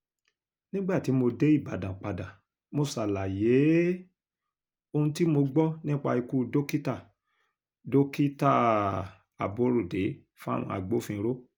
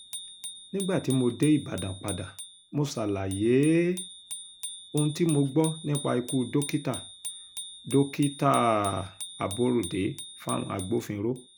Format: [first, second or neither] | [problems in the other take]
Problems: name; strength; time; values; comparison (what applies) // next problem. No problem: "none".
first | background sound (Bicycle bell); 14 dB below the speech